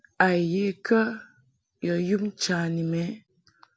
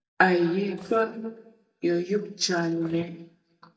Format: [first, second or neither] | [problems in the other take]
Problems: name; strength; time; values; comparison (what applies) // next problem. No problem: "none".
first | noise reduction (neural mask model DeepFilterNet 3)